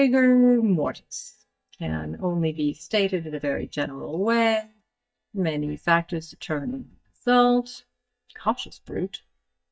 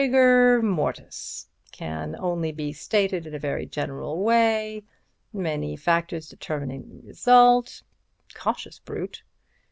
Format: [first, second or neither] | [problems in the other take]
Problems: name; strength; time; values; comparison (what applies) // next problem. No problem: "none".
second | noise reduction (neural mask model DeepFilterNet 3)